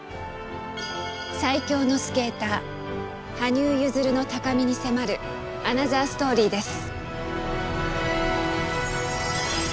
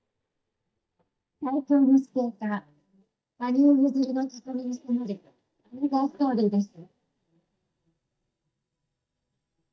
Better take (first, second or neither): first